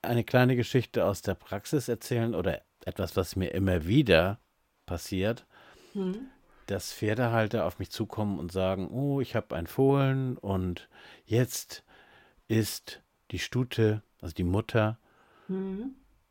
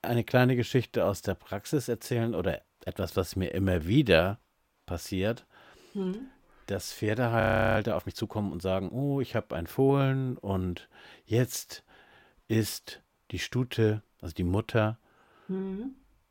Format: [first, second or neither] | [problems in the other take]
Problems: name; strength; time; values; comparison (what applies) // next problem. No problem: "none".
first | audio freezing; at 7.5 s